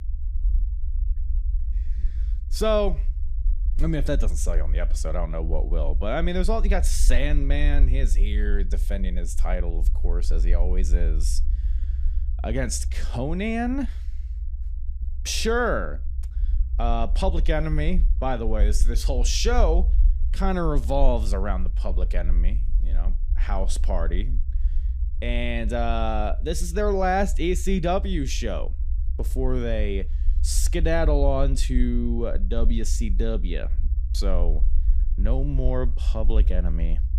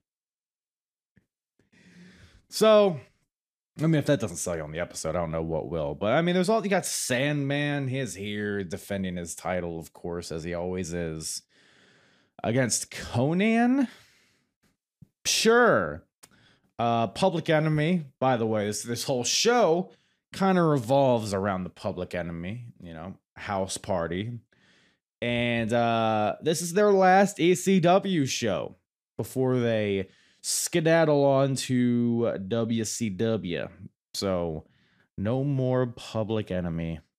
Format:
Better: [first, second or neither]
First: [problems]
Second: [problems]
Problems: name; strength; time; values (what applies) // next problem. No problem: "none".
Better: second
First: low rumble; faint; throughout; 20 dB below the speech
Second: none